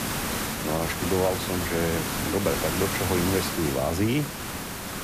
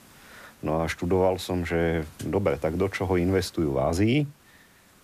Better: second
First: hiss; loud; throughout; 1 dB below the speech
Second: hiss; faint; throughout; 25 dB below the speech

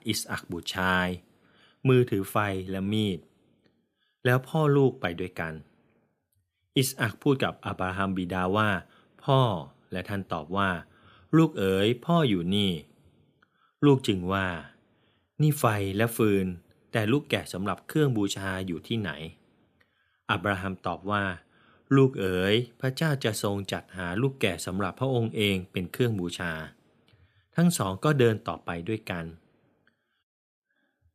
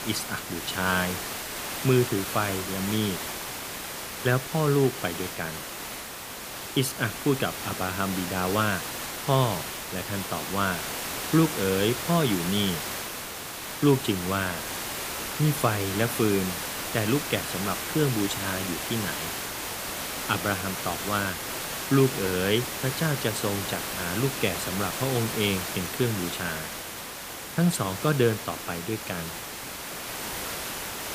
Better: first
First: none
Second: hiss; loud; throughout; 4 dB below the speech

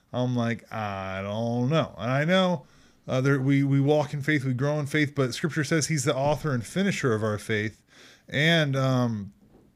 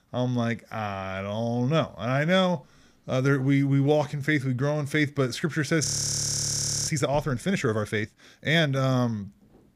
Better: first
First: none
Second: audio freezing; at 6 s for 1 s

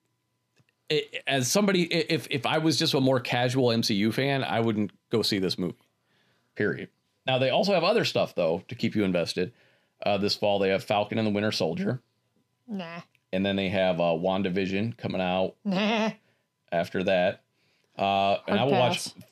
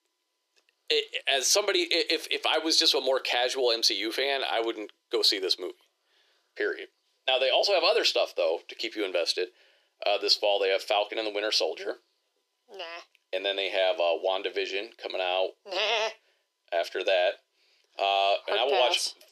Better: first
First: none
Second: thin; very; fading below 350 Hz

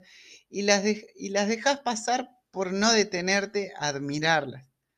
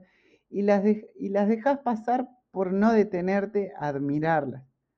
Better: first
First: none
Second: muffled; very; fading above 2.5 kHz

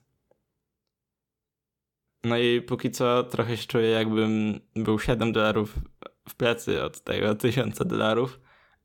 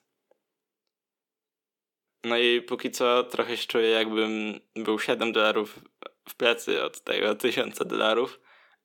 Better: first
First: none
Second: thin; somewhat; fading below 300 Hz

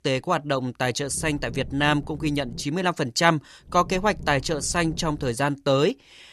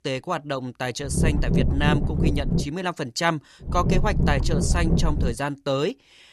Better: first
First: low rumble; faint; from 1 to 2.5 s and from 3.5 to 5.5 s; 25 dB below the speech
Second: low rumble; loud; from 1 to 2.5 s and from 3.5 to 5.5 s; 6 dB below the speech

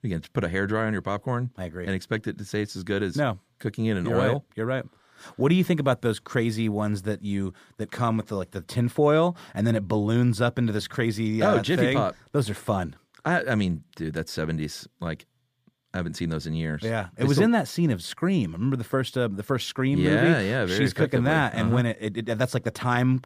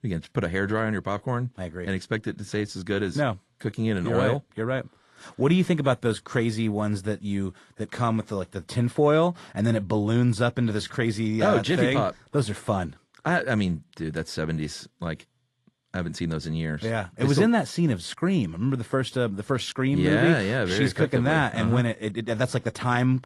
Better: first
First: none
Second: garbled, watery; slightly; nothing above 11 kHz

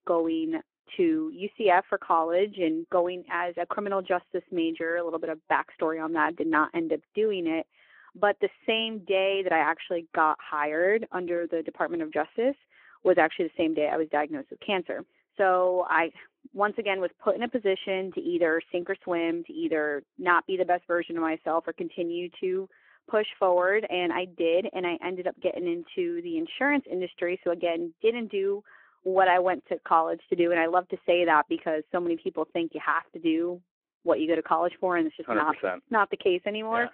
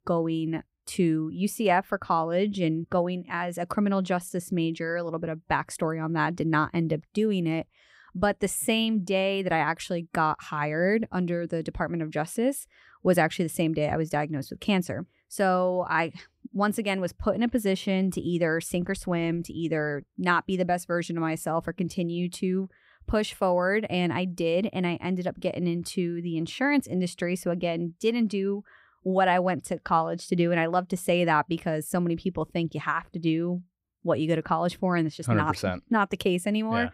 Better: second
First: phone-call audio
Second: none

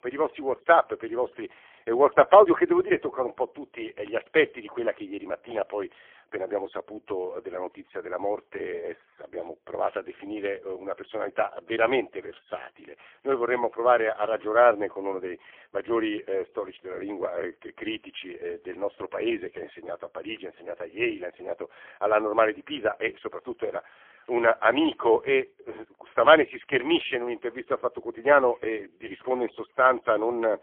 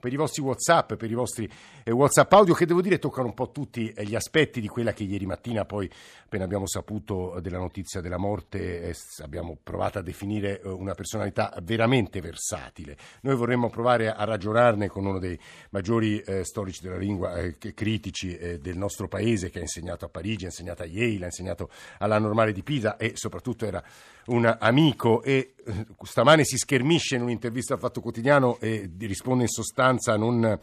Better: second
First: phone-call audio; poor line; nothing above 3.5 kHz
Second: none

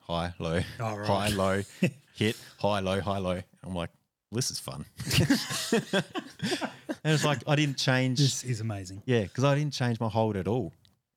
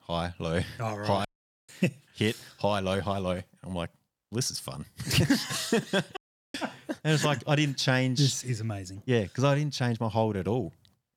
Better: first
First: none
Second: audio cutting out; at 1.5 s and at 6 s

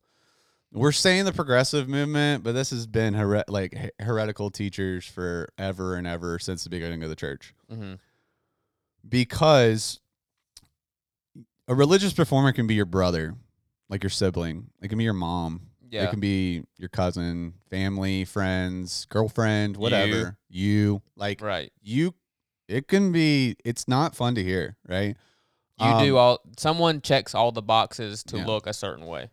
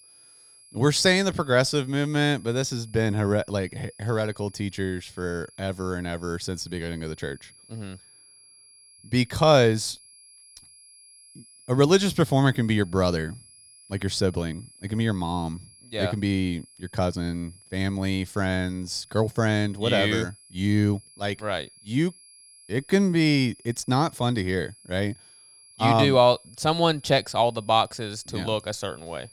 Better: first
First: none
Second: high-pitched whine; faint; throughout; 10.5 kHz, 25 dB below the speech

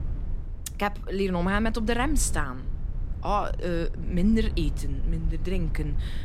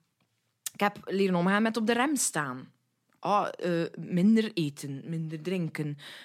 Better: second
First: low rumble; faint; throughout; 20 dB below the speech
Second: none

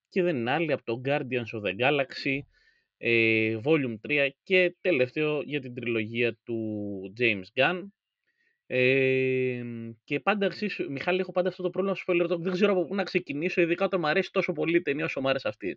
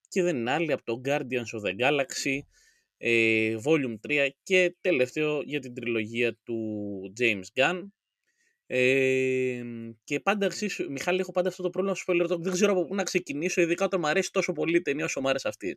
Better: second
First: muffled; slightly; fading above 4 kHz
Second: none

